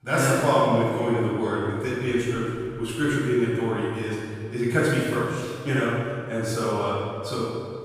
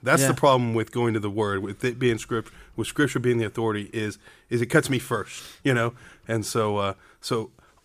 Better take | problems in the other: second | off-mic speech; far // room echo; strong; dies away in 1.8 s

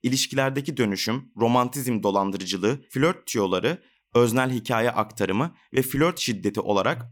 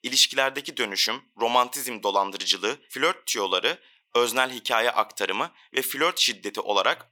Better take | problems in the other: first | thin; very; fading below 600 Hz

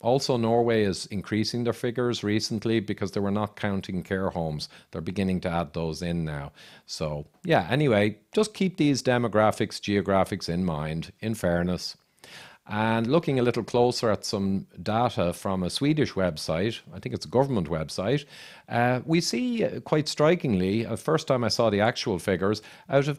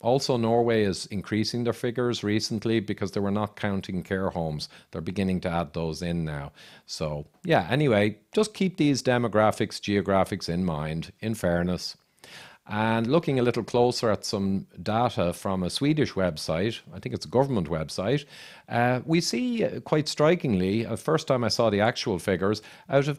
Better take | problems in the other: neither | none

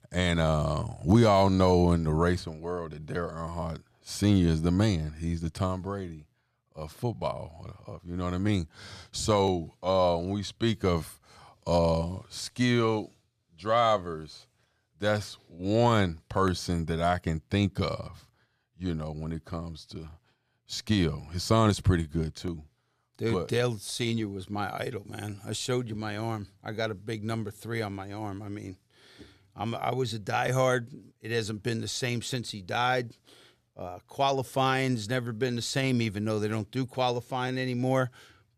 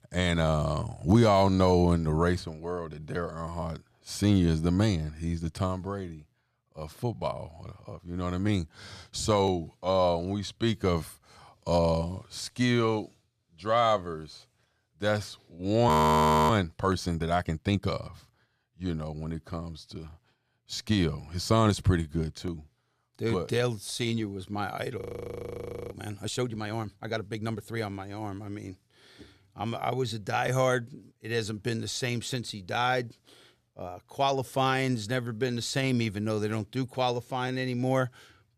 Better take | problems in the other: first | audio freezing; at 16 s for 0.5 s and at 25 s for 1 s

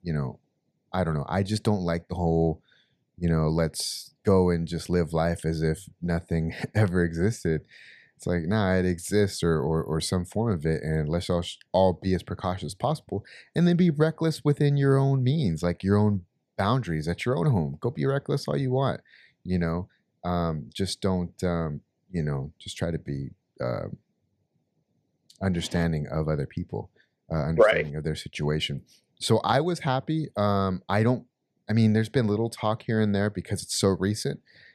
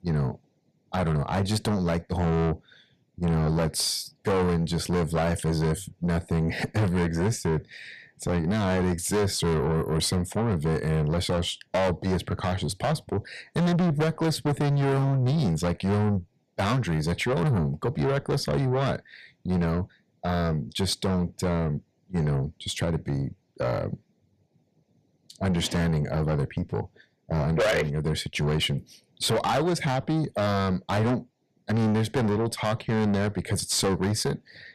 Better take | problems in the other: first | distortion; heavy; 6 dB below the speech

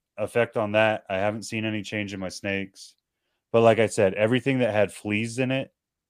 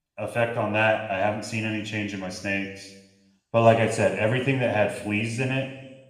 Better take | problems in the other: first | room echo; noticeable; dies away in 1 s // off-mic speech; somewhat distant

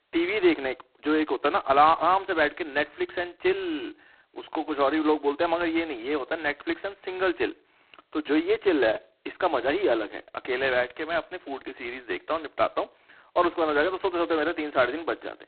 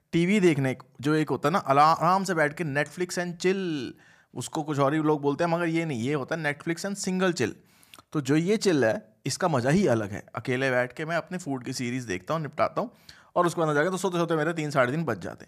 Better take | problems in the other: second | phone-call audio; poor line; nothing above 4 kHz

